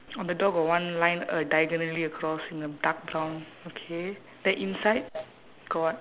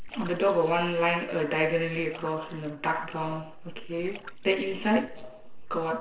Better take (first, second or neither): first